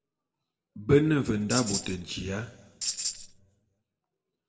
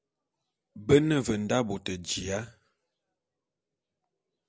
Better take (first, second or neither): second